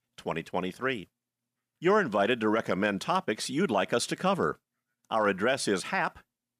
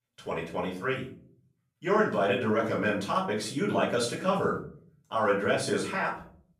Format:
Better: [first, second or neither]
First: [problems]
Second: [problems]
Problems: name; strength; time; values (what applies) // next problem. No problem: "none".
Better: first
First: none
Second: off-mic speech; far // room echo; slight; dies away in 0.5 s